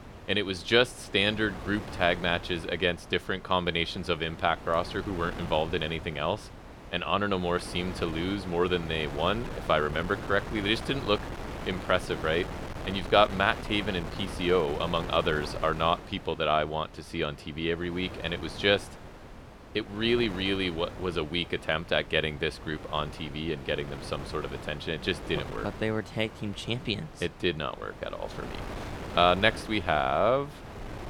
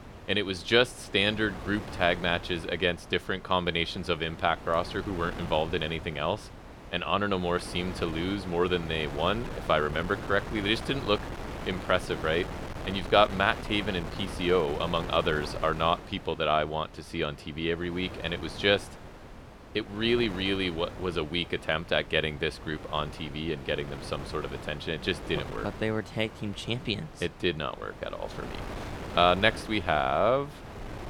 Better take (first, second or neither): neither